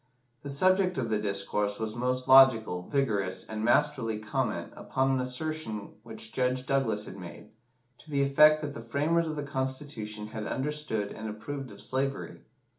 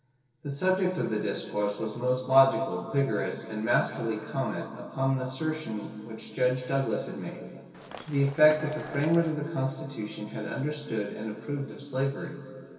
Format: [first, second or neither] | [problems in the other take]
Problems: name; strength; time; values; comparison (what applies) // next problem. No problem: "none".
first | noise reduction (neural separator model SepFormer DNS4)